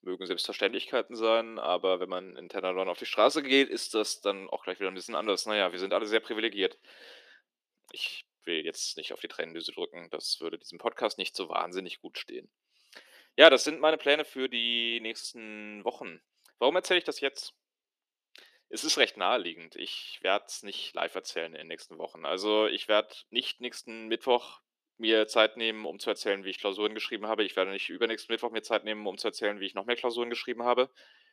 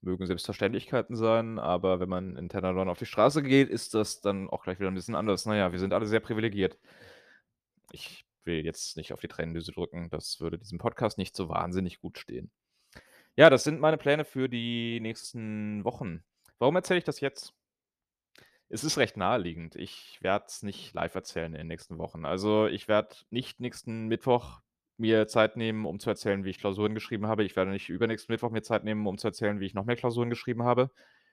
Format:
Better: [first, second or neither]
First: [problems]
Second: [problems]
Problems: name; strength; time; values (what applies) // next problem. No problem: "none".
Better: second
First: thin; somewhat; fading below 300 Hz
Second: none